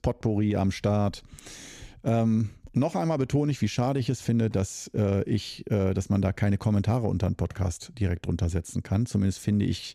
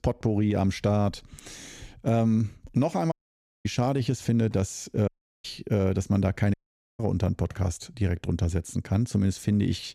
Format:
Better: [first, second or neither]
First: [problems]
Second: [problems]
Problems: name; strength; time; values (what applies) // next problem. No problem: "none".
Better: first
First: none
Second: audio cutting out; at 3 s for 0.5 s, at 5 s and at 6.5 s